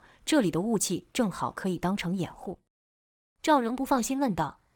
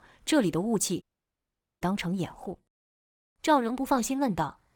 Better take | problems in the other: first | audio cutting out; at 1 s for 1 s

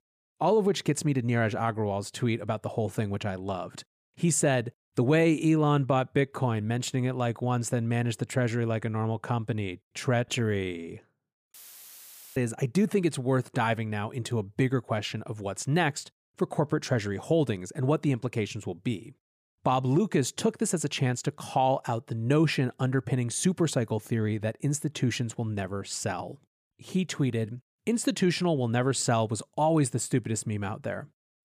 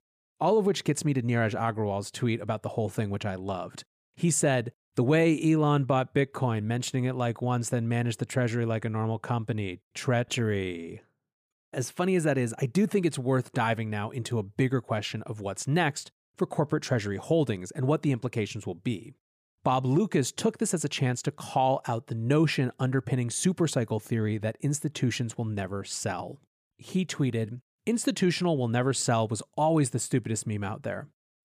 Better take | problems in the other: second | audio cutting out; filled with static; at 12 s for 1 s

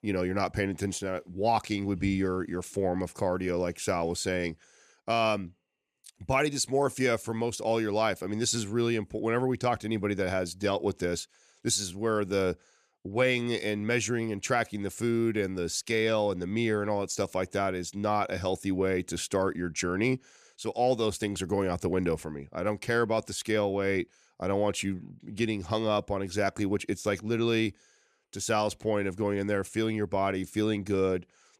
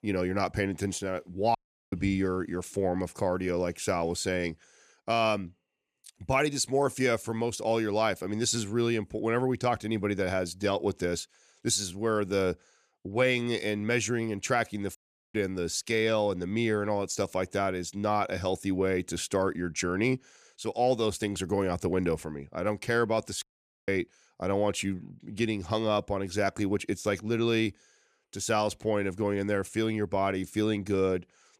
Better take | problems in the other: first | audio cutting out; at 1.5 s, at 15 s and at 23 s

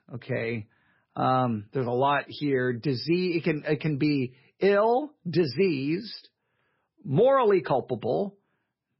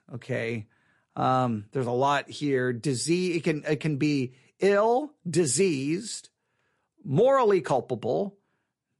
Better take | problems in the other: second | garbled, watery; badly; nothing above 5.5 kHz; slightly in the second

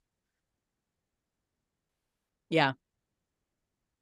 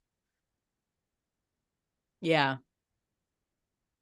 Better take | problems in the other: second | audio freezing; at 2 s

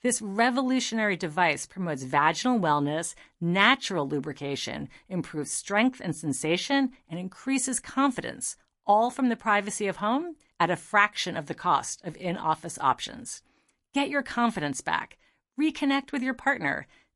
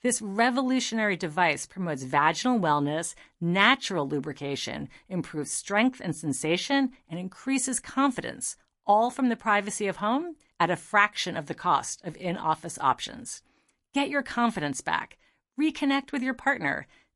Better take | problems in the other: neither | garbled, watery; slightly; nothing above 11 kHz; the same in both

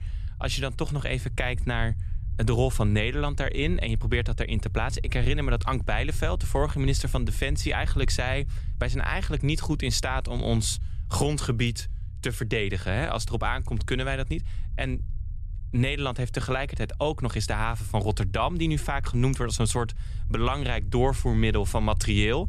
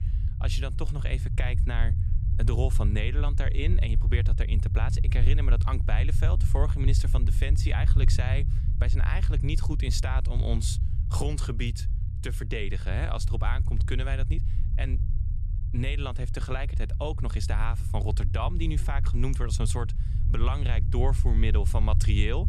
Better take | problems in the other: first | low rumble; loud; throughout; 9 dB below the speech; faint in the first

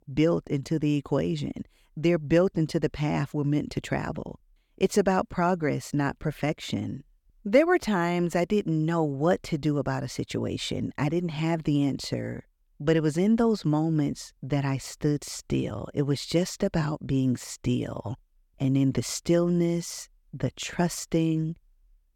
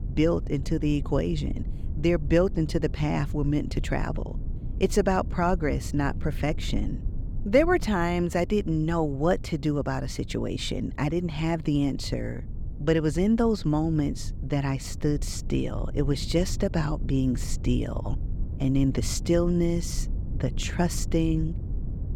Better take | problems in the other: first | low rumble; noticeable; throughout; 20 dB below the speech

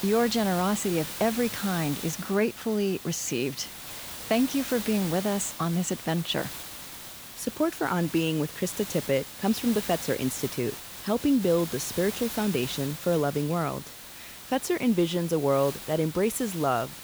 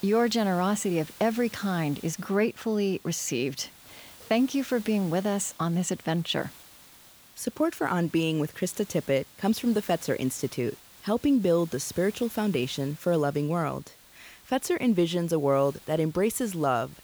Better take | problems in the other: second | hiss; loud; throughout; 10 dB below the speech; faint in the second

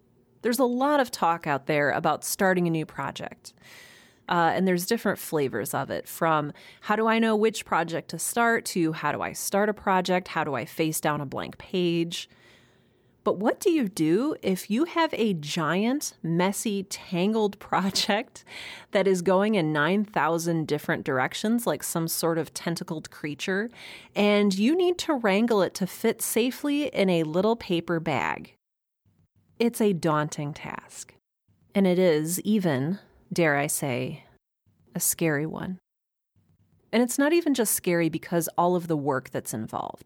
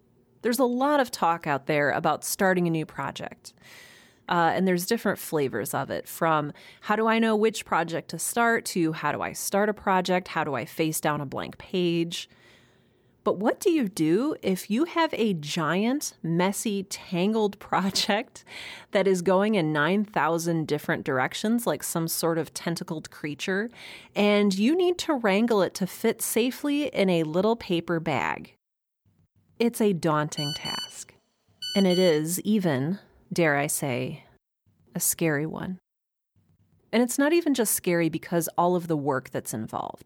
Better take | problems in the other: first | phone ringing; noticeable; from 30 to 32 s; peak 5 dB below the speech

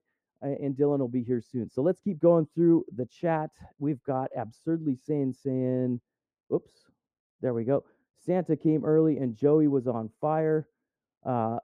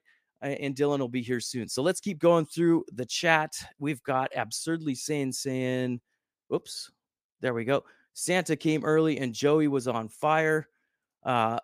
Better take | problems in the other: second | muffled; very; fading above 1.5 kHz

